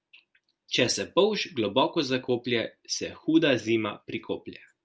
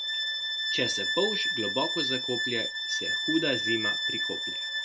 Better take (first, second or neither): first